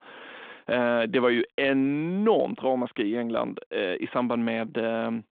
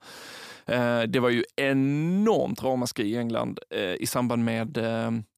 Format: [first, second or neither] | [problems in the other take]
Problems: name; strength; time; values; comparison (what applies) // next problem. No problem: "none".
second | phone-call audio